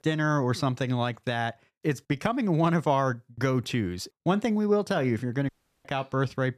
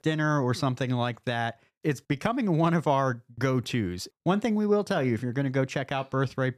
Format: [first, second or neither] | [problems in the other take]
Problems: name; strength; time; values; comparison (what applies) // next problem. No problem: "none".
second | audio cutting out; at 5.5 s